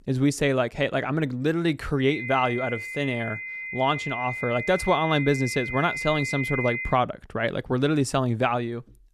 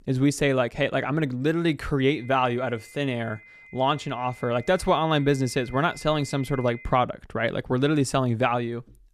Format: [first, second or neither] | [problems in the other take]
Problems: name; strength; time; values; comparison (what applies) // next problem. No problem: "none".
second | high-pitched whine; loud; from 2 to 7 s; 2 kHz, 6 dB below the speech; faint in the second